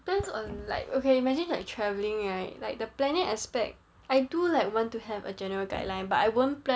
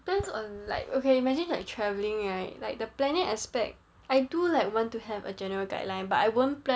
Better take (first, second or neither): second